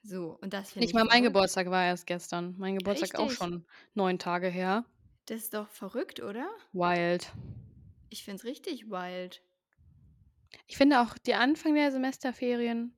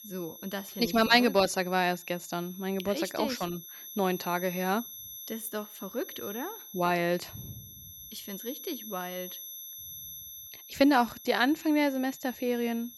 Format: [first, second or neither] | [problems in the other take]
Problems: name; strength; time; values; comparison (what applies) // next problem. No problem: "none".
first | high-pitched whine; noticeable; throughout; 11.5 kHz, 15 dB below the speech